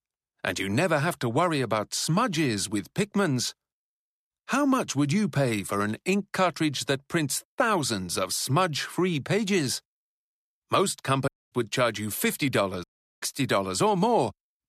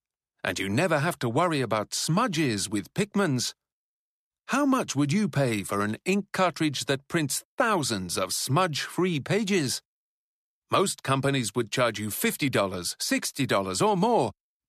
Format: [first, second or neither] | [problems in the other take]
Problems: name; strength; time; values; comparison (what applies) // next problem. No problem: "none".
second | audio cutting out; at 11 s and at 13 s